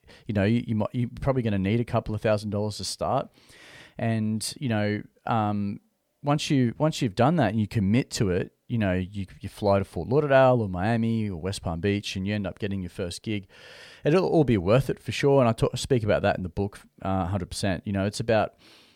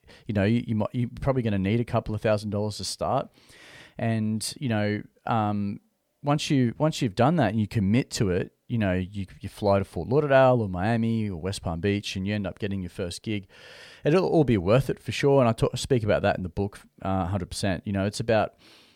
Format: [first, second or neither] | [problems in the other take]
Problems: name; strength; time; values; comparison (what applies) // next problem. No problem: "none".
neither | none